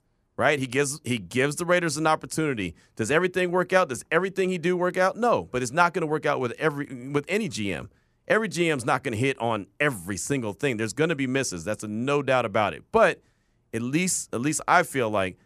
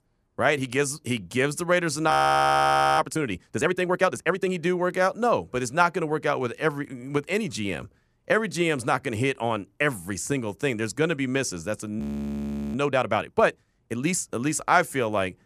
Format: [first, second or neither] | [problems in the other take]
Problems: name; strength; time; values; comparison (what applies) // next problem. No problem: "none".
first | audio freezing; at 2 s for 1 s and at 12 s for 0.5 s